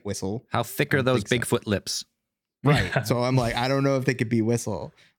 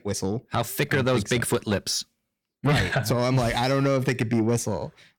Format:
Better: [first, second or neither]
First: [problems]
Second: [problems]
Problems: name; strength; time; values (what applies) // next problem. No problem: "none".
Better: first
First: none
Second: distortion; slight; 10 dB below the speech